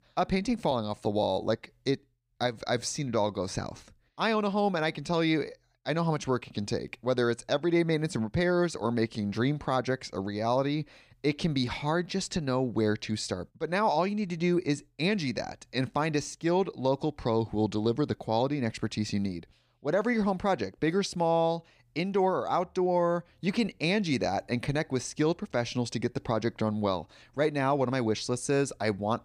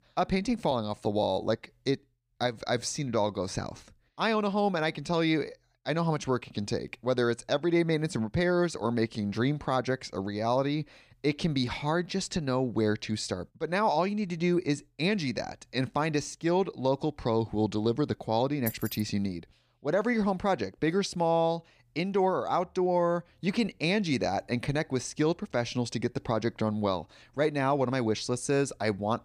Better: first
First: none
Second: jangling keys; noticeable; at 19 s; peak 8 dB below the speech

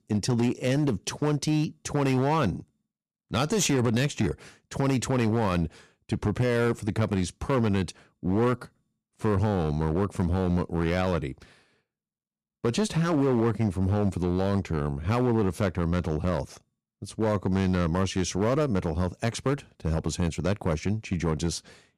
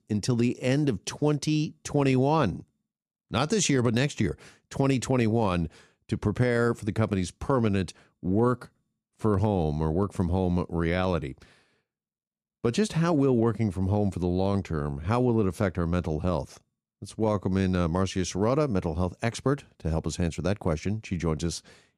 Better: second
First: distortion; slight; 9% of the sound clipped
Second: none

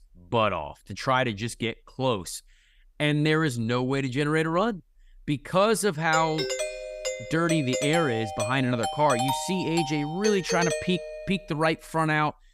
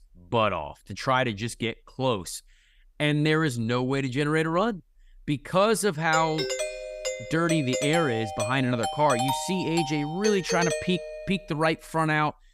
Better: neither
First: doorbell; noticeable; from 6 to 11 s; peak 2 dB below the speech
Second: doorbell; noticeable; from 6 to 11 s; peak 2 dB below the speech

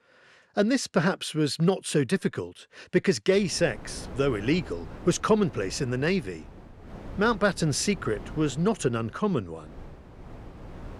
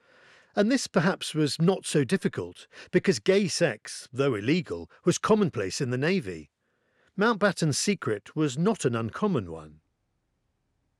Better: second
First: wind noise on the microphone; occasional gusts; from 3.5 s on; 20 dB below the speech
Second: none

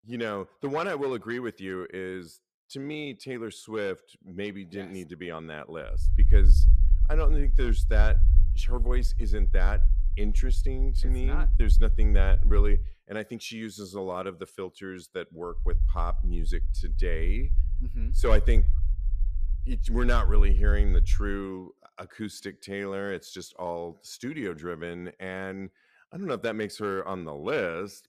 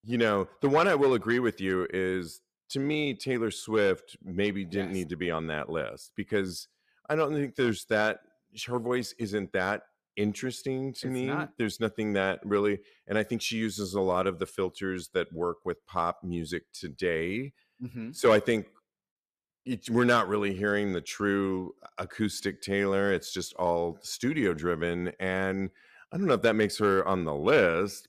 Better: second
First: low rumble; noticeable; from 6 to 13 s and from 16 to 21 s; 15 dB below the speech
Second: none

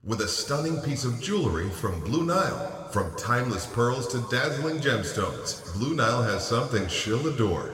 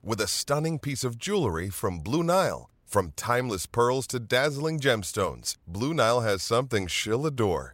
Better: second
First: room echo; noticeable; dies away in 2.1 s // off-mic speech; somewhat distant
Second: none

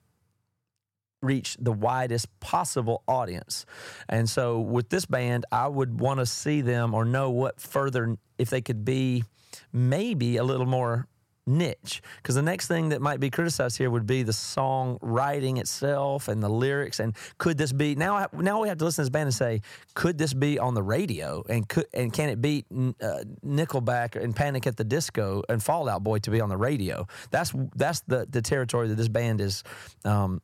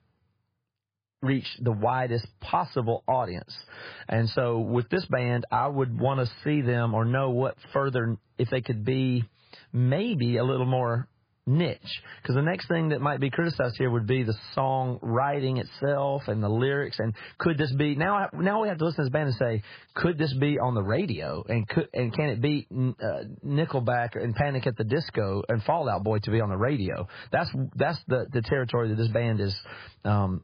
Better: first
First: none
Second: garbled, watery; badly; nothing above 5 kHz

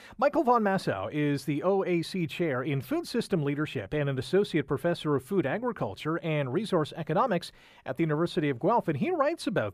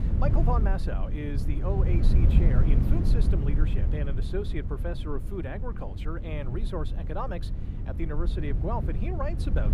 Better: first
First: none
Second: wind noise on the microphone; heavy; 5 dB below the speech

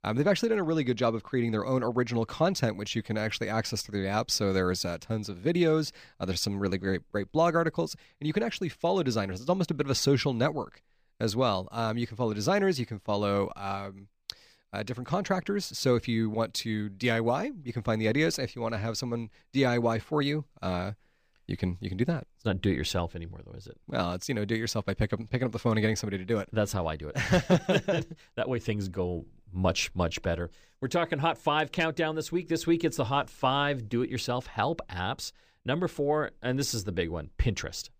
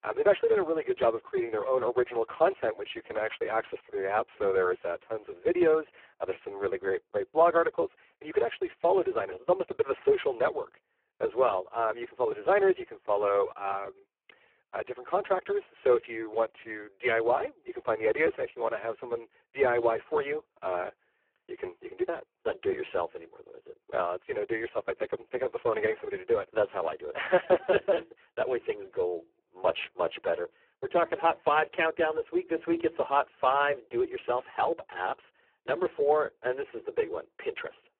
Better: first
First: none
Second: phone-call audio; poor line

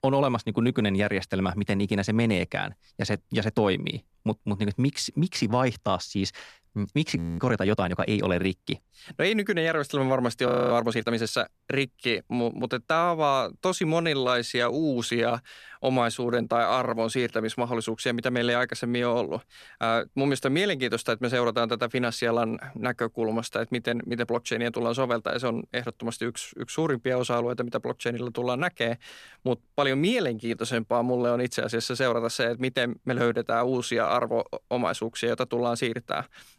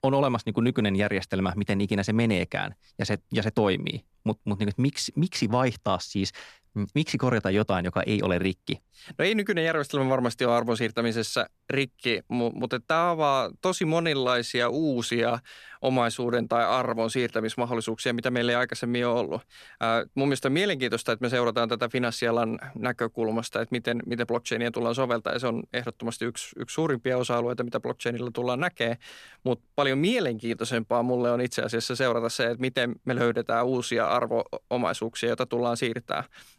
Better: second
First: audio freezing; at 7 s and at 10 s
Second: none

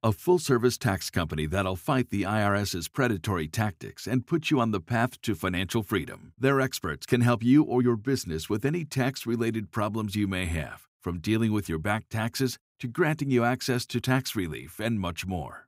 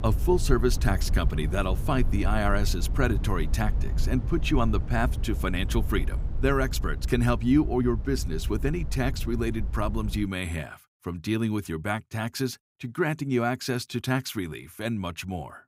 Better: first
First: none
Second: low rumble; noticeable; until 10 s; 15 dB below the speech

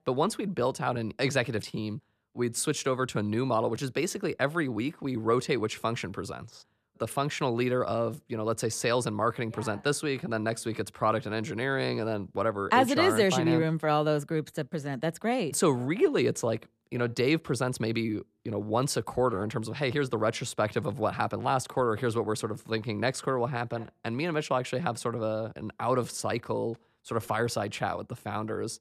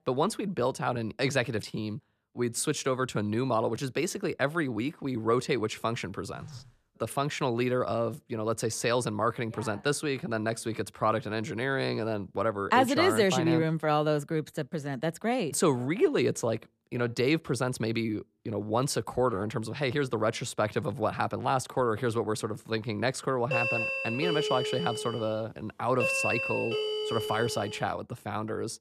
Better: first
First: none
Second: phone ringing; faint; at 6.5 s; peak 20 dB below the speech // doorbell; loud; from 24 to 28 s; peak 3 dB above the speech

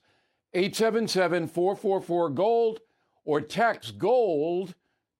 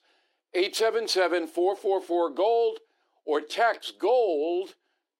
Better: first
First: none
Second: thin; somewhat; fading below 300 Hz

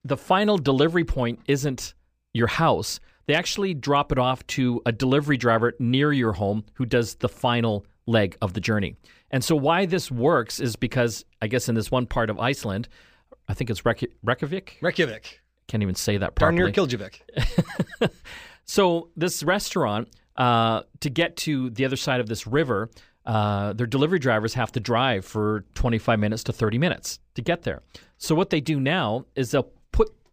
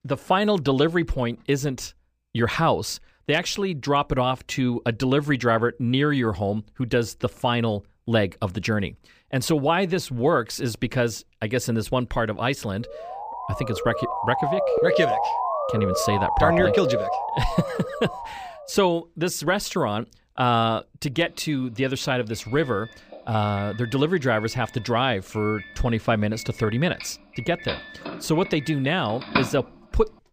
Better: first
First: none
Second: siren; loud; from 13 to 18 s; peak 3 dB above the speech // doorbell; noticeable; from 25 to 29 s; peak 1 dB below the speech

